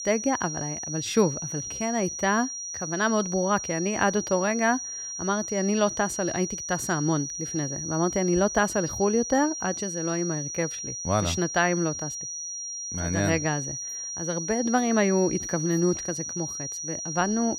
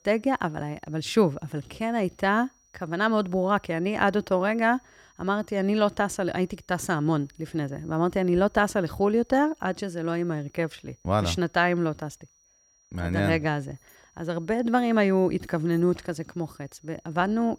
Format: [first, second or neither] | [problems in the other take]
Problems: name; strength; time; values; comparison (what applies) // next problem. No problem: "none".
second | high-pitched whine; loud; throughout; 6 kHz, 5 dB below the speech; faint in the second